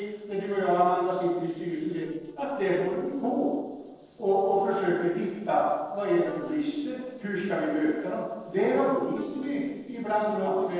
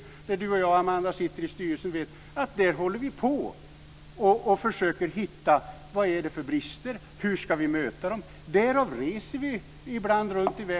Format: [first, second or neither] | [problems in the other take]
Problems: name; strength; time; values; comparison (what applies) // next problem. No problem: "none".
second | noise reduction (neural separator model SepFormer DNS4)